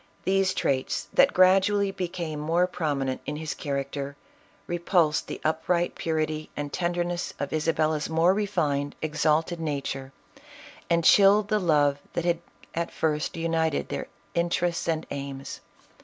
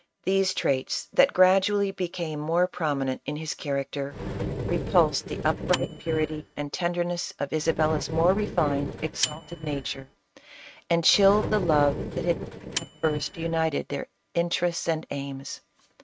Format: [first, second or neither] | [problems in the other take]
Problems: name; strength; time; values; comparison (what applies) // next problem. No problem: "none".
first | noise reduction (neural mask model RNNoise)